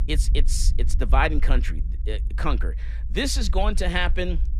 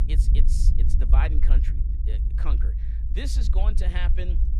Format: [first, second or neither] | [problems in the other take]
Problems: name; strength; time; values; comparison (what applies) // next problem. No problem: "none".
first | low rumble; loud; throughout; 6 dB below the speech; faint in the first